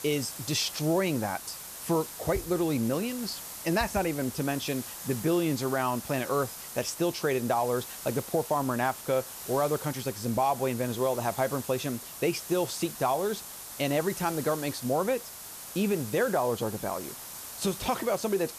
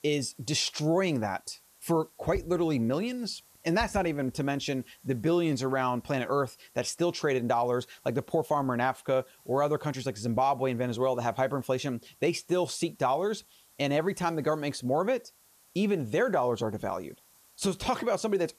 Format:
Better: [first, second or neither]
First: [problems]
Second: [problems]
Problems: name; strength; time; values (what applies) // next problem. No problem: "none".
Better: second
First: hiss; loud; throughout; 10 dB below the speech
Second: hiss; faint; throughout; 30 dB below the speech